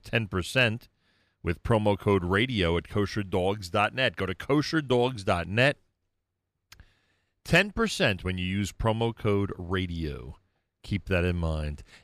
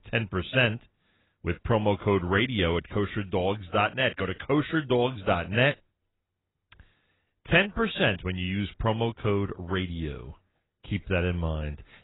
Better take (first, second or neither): first